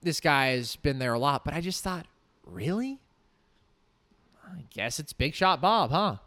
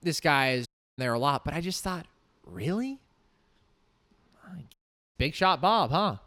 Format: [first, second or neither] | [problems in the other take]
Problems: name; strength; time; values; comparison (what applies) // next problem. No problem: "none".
first | audio cutting out; at 0.5 s and at 4.5 s